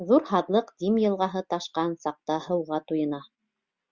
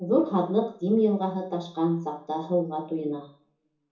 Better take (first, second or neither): first